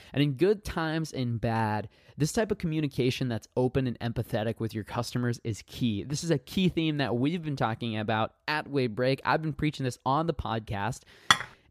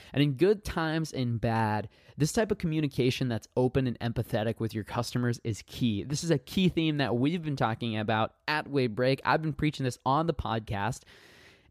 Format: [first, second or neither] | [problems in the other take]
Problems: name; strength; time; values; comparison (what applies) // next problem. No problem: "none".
second | clattering dishes; loud; at 11 s; peak 5 dB above the speech